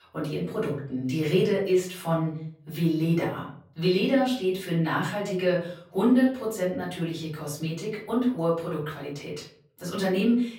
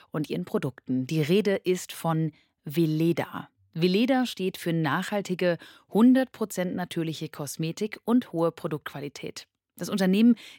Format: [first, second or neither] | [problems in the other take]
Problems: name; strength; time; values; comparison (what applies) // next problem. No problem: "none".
second | room echo; slight; dies away in 0.4 s // off-mic speech; far